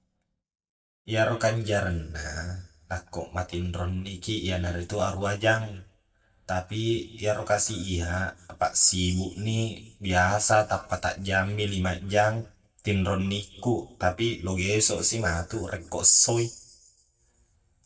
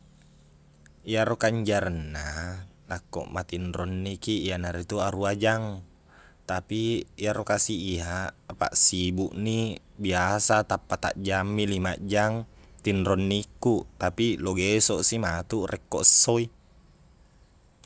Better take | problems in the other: second | noise reduction (neural mask model DeepFilterNet 3)

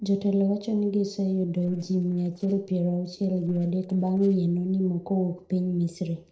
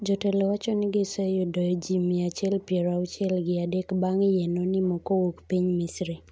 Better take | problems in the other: second | noise reduction (neural separator model SepFormer DNS4)

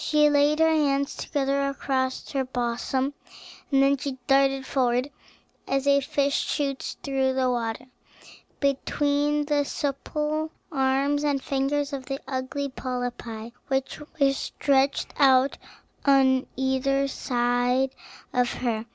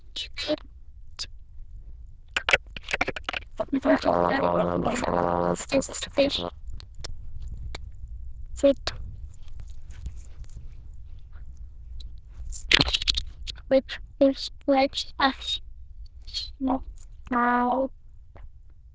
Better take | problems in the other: first | noise reduction (neural diffusion model UNIVERSE++)

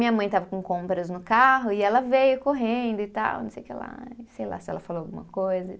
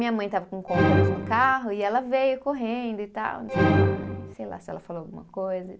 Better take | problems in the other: first | background sound (Musical instrument); 2 dB above the speech

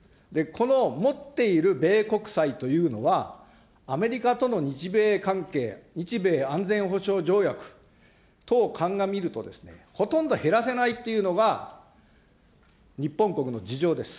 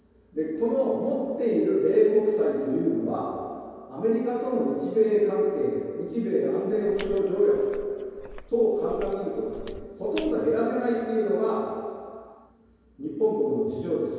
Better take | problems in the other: first | background sound (Walk, footsteps); 17 dB below the speech // room echo; dies away in 2.2 s

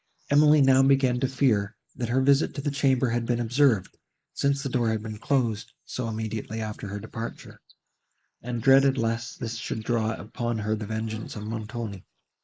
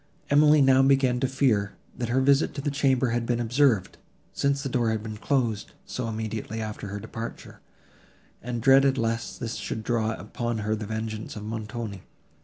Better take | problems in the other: second | noise reduction (neural mask model Resemble Enhance denoiser)

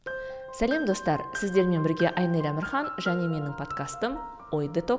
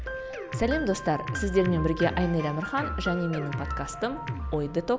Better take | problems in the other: first | background sound (Drum kit); 8 dB below the speech

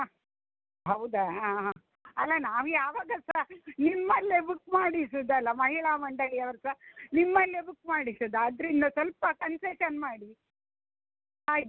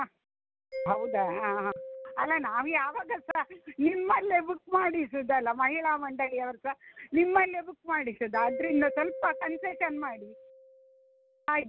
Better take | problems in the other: first | background sound (Mallet percussion); 12 dB below the speech

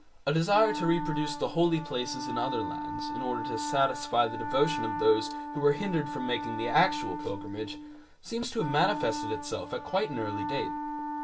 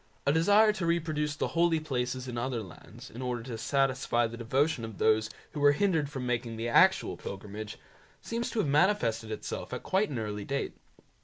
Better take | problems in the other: second | background sound (Wind instrument, woodwind instrument); 6 dB below the speech // room echo; dies away in 0.2 s

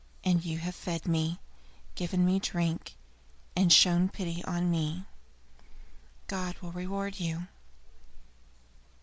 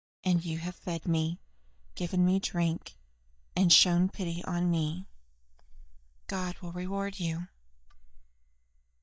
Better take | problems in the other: first | noise reduction (neural mask model DeepFilterNet 3)

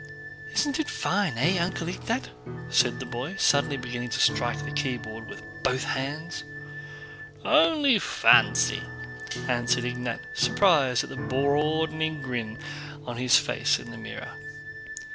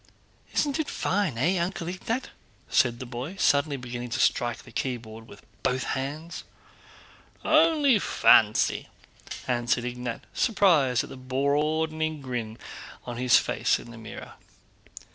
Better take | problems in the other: second | background sound (Piano + Wind instrument, woodwind instrument); 9 dB below the speech

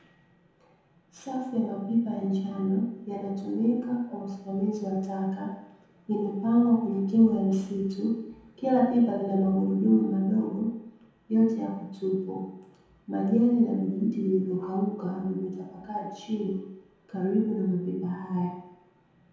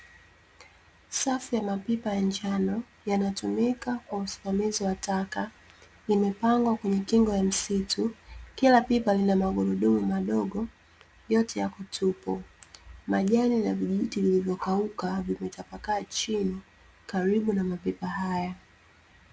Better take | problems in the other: second | room echo; dies away in 0.9 s

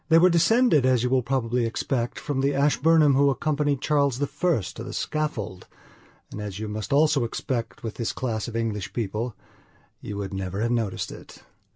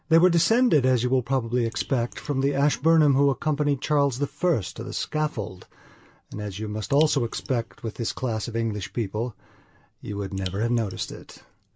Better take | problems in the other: first | background sound (Raindrop); 19 dB below the speech

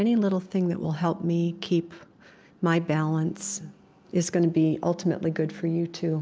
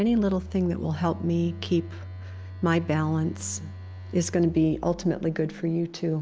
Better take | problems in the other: first | background sound (Telephone); 13 dB below the speech

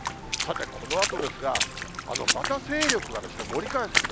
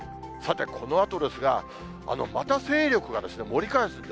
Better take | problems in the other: second | background sound (Water / Splash, splatter); 1 dB above the speech

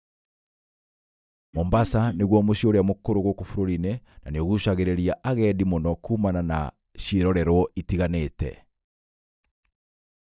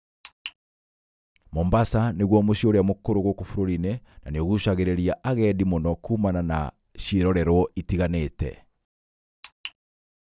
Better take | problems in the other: second | noise reduction (neural mask model DeepFilterNet 3)

